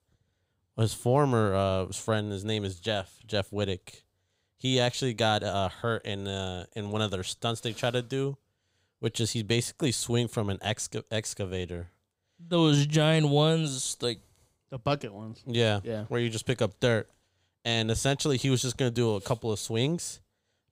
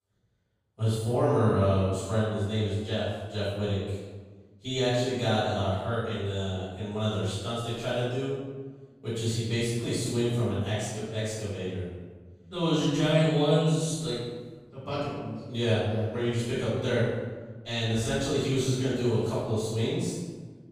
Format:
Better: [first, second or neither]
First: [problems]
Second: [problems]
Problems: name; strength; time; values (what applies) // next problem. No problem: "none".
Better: first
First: none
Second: off-mic speech; far // room echo; strong; dies away in 1.2 s